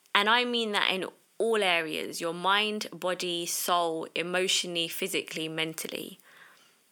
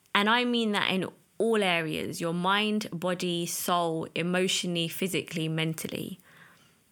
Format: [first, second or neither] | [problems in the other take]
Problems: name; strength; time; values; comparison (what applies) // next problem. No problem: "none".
second | thin; somewhat; fading below 350 Hz